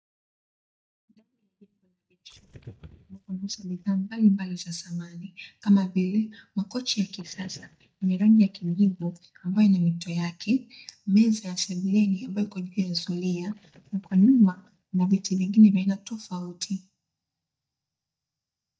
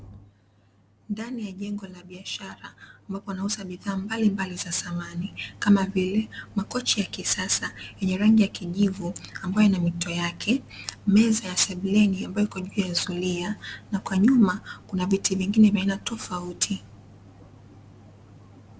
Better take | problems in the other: second | noise reduction (neural mask model DeepFilterNet 3)

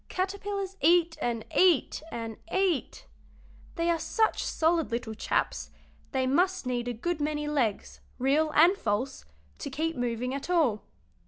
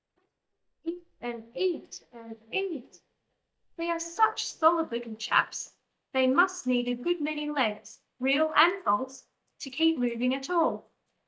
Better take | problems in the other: first | noise reduction (neural mask model DeepFilterNet 3)

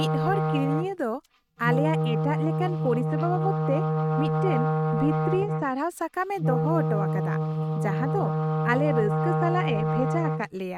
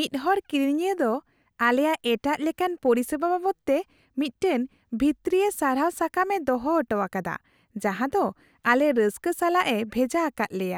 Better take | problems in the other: second | noise reduction (neural mask model RNNoise)

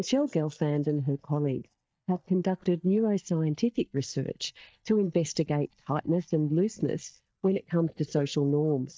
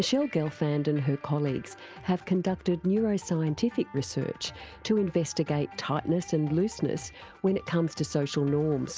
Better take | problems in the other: second | noise reduction (neural mask model DeepFilterNet 3)

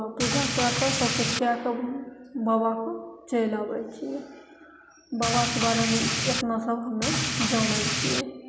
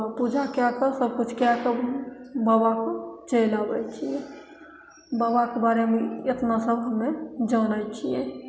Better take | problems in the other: second | background sound (Rain); 2 dB above the speech

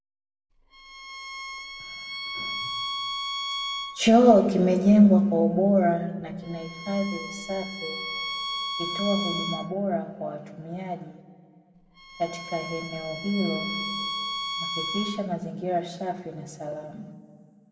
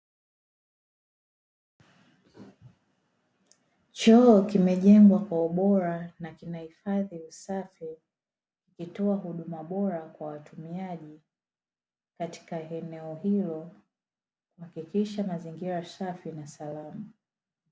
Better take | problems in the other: second | background sound (Bowed string instrument); 7 dB below the speech // room echo; dies away in 1.4 s

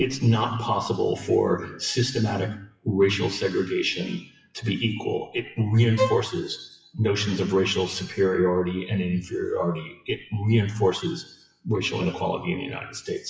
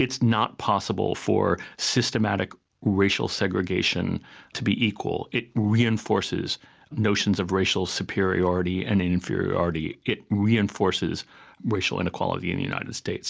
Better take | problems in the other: second | noise reduction (classical method WPE with log-MMSE)

